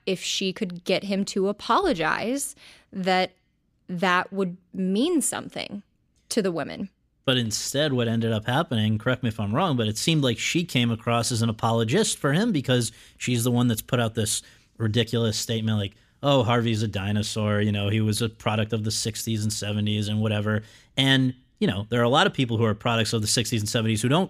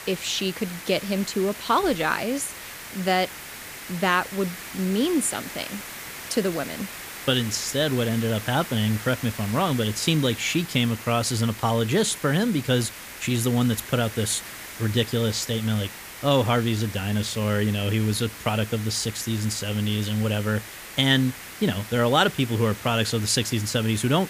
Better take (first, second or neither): first